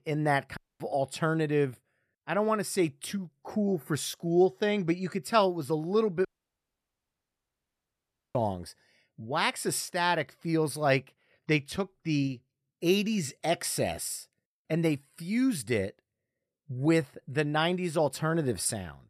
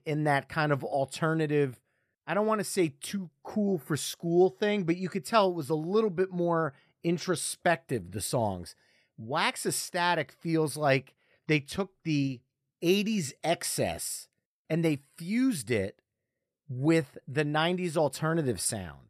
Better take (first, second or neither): second